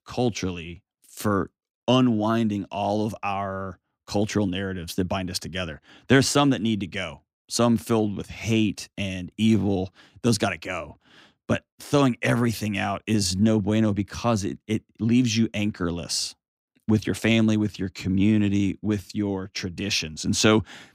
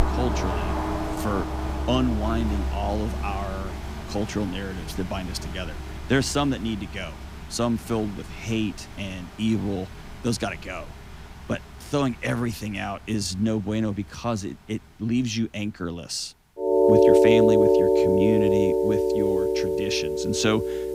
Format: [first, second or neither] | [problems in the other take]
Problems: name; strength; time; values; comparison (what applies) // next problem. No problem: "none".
first | background music; very loud; throughout; 4 dB above the speech